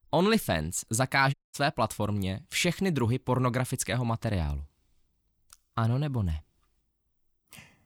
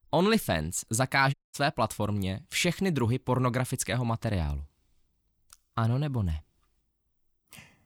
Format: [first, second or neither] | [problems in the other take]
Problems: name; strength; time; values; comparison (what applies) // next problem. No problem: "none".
neither | audio cutting out; at 1.5 s; the same in both